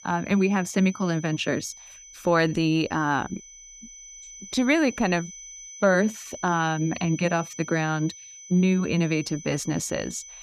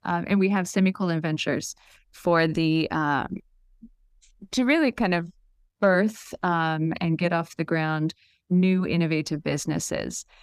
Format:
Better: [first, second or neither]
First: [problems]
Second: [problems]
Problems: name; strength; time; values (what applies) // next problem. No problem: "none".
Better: second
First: high-pitched whine; noticeable; throughout; 6 kHz, 15 dB below the speech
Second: none